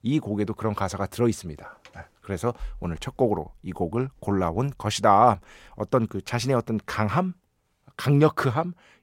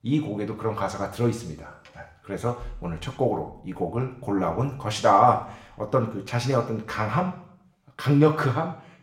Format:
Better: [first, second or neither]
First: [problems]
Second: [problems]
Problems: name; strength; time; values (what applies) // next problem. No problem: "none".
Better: first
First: none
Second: room echo; slight; dies away in 0.6 s // off-mic speech; somewhat distant